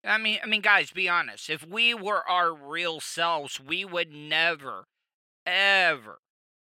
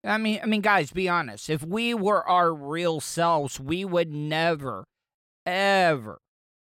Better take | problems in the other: second | thin; somewhat; fading below 1 kHz

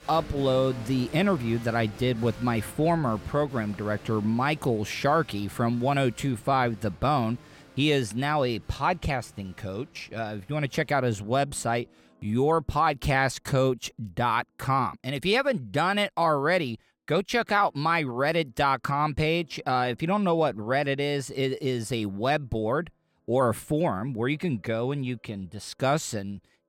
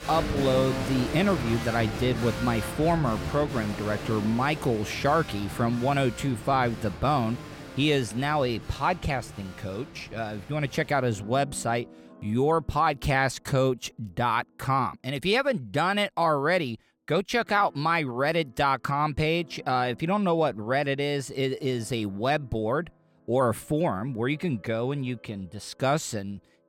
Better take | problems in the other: first | background music; loud; throughout; 10 dB below the speech; faint in the first

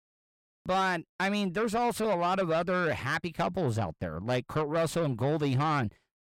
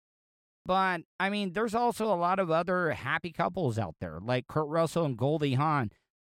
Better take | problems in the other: second | distortion; slight; 10 dB below the speech

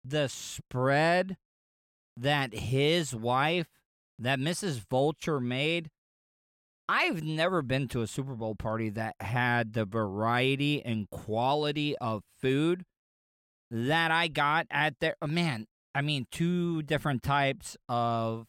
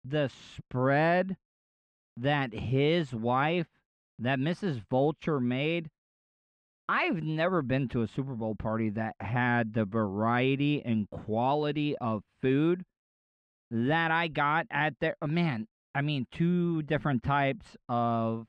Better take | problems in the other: first | muffled; slightly; fading above 2.5 kHz

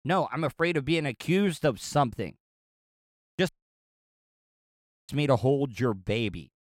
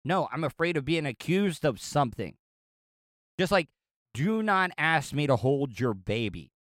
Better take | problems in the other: second | audio cutting out; at 3.5 s for 1.5 s

